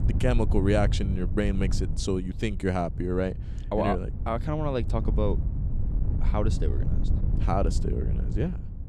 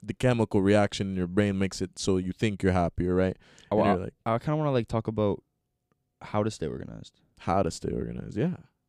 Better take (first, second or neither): second